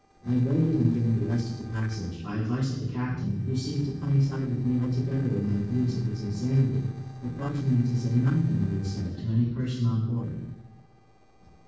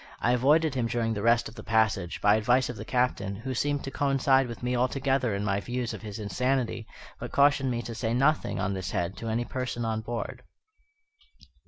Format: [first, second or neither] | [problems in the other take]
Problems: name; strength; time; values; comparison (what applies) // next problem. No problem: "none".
second | noise reduction (neural separator model SepFormer DNS4)